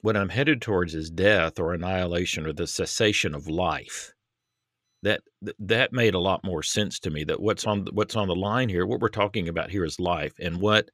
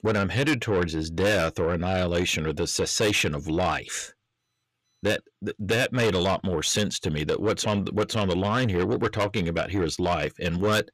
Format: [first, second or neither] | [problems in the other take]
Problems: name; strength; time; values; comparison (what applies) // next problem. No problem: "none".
first | distortion; heavy; 8 dB below the speech